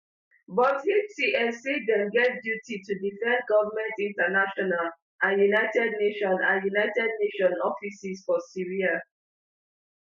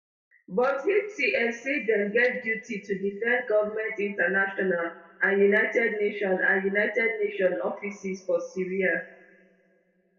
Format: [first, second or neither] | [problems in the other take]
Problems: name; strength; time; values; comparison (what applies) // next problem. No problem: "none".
first | room echo; dies away in 1.1 s